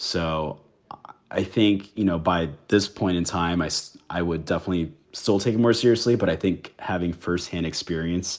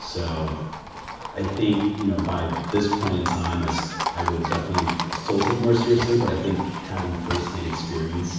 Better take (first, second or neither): first